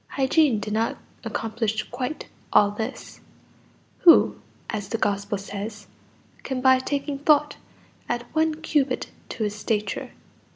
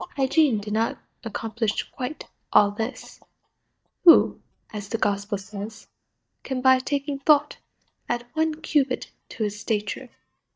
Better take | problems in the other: first | noise reduction (neural mask model DeepFilterNet 3)

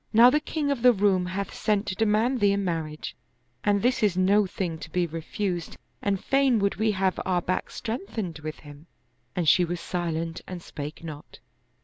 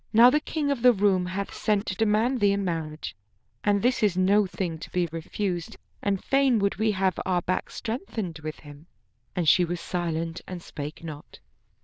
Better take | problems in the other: first | noise reduction (neural diffusion model UNIVERSE++)

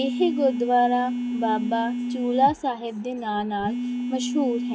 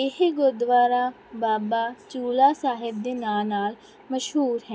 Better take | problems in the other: second | background sound (Telephone); 4 dB below the speech

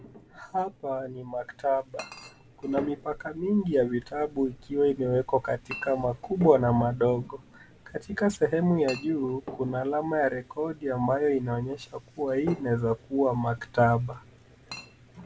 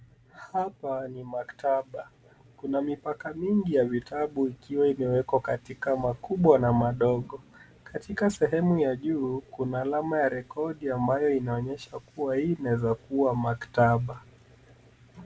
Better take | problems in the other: second | background sound (Chink, clink); 18 dB below the speech

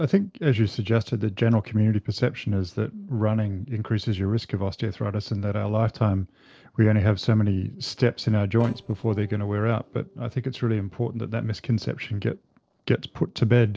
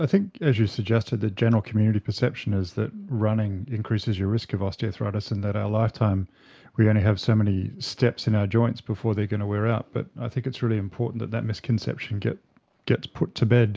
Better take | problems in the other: second | noise reduction (neural separator model SepFormer DNS4)

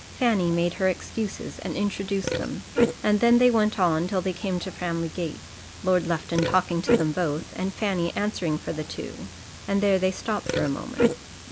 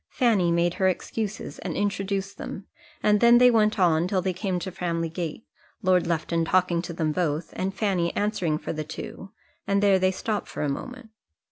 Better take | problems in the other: second | background sound (Burping, eructation); 6 dB below the speech

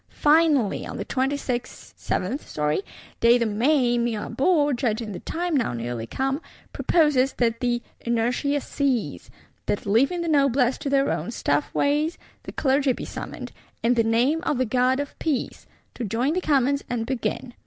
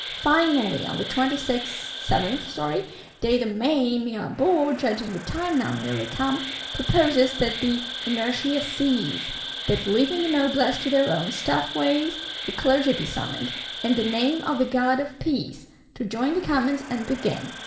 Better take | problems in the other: first | background sound (Insect); 10 dB below the speech // room echo; dies away in 0.9 s

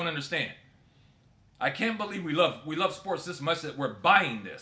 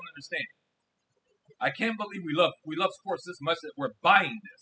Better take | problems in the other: first | noise reduction (classical method spectral subtraction)

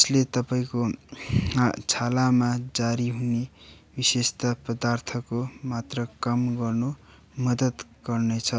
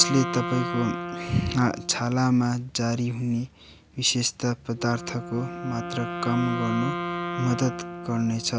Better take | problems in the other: first | background sound (Wind instrument, woodwind instrument); 8 dB below the speech

